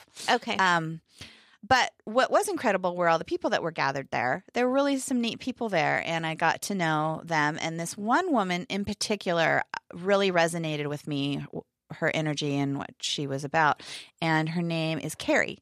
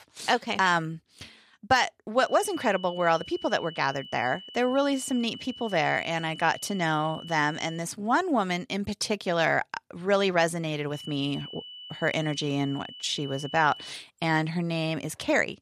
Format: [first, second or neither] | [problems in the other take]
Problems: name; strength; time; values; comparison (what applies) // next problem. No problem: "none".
first | high-pitched whine; noticeable; from 2.5 to 8 s and from 11 to 14 s; 3 kHz, 15 dB below the speech